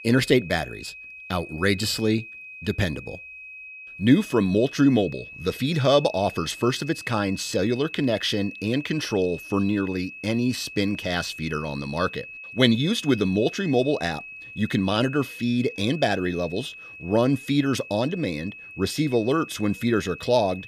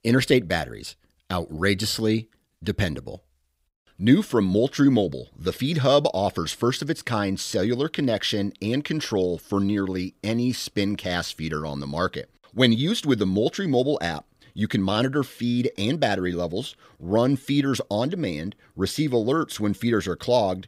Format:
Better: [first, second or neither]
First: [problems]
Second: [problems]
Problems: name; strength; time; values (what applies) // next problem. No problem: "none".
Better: second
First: high-pitched whine; noticeable; throughout; 2.5 kHz, 15 dB below the speech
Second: none